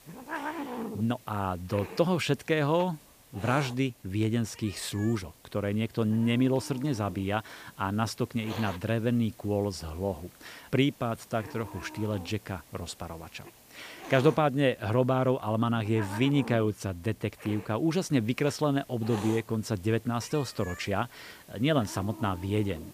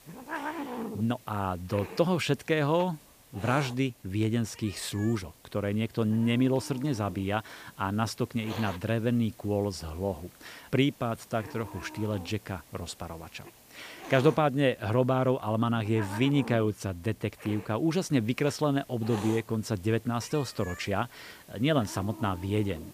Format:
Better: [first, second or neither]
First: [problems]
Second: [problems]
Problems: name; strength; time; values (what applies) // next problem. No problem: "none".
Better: neither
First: hiss; noticeable; throughout; 15 dB below the speech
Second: hiss; noticeable; throughout; 15 dB below the speech